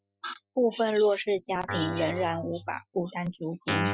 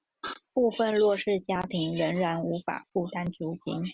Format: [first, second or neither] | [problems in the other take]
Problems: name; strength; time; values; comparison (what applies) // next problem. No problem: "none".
second | noise reduction (classical method Wiener filter)